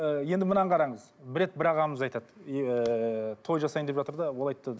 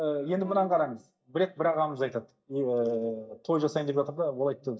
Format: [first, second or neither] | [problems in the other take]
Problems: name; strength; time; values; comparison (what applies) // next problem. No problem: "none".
first | noise reduction (neural mask model DeepFilterNet 3)